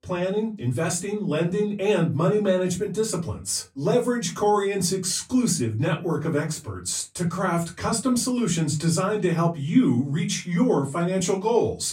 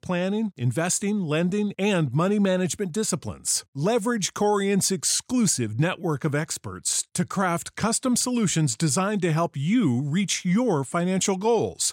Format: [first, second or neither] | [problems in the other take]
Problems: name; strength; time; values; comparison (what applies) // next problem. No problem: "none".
second | off-mic speech; far // room echo; very slight; dies away in 0.3 s